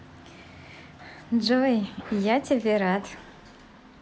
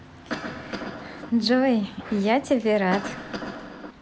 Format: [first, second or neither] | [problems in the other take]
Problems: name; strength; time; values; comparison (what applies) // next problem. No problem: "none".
first | background sound (Cough); 10 dB below the speech